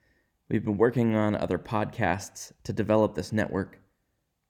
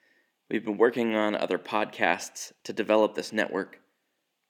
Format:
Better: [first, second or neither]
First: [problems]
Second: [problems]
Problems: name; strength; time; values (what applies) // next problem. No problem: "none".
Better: first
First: none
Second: thin; very slightly; fading below 250 Hz